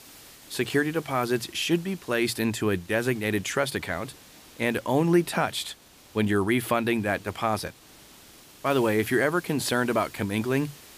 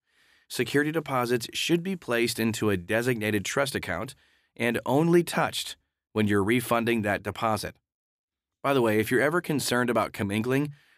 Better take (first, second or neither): second